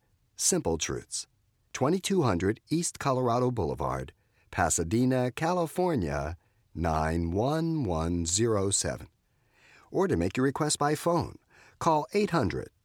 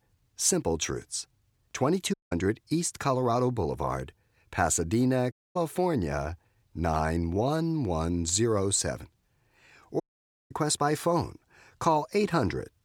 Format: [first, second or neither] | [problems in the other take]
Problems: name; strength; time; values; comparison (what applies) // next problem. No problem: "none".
first | audio cutting out; at 2 s, at 5.5 s and at 10 s for 0.5 s